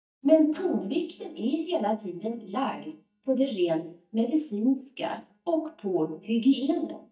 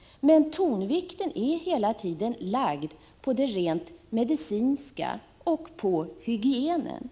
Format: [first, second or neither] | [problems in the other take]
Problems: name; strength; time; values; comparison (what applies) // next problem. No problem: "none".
second | noise reduction (neural mask model DeepFilterNet 3)